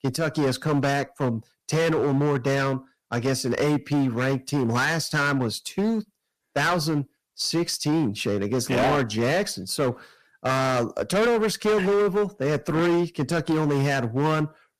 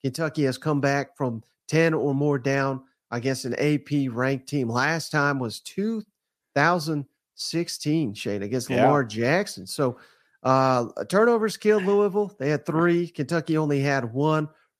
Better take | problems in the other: second | distortion; heavy; 16% of the sound clipped

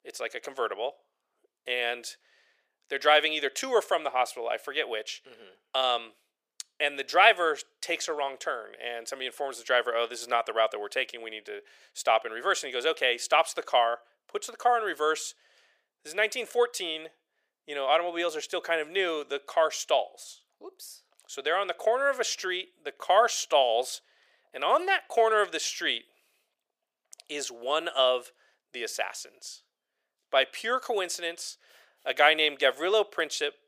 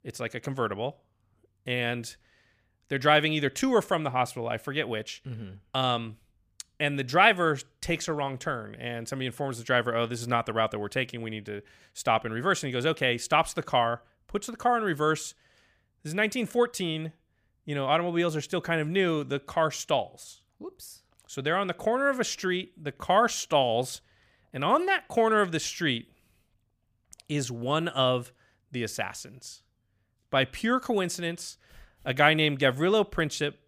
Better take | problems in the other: second | thin; very; fading below 400 Hz

